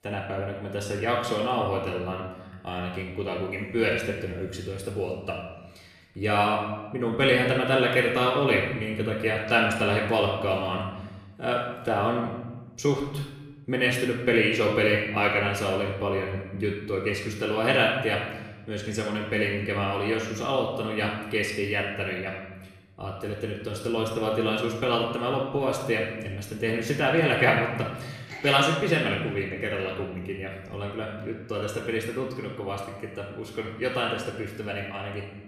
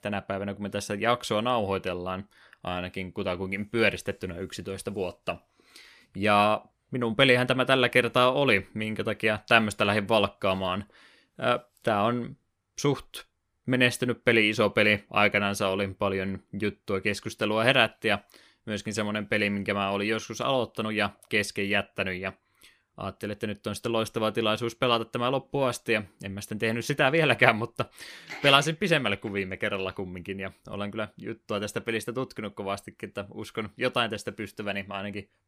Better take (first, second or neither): second